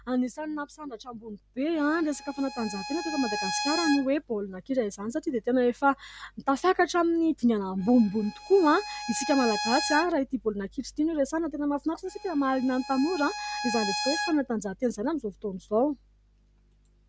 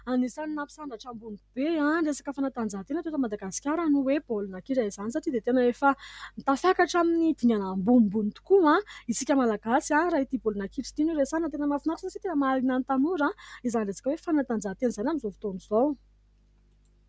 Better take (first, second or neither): second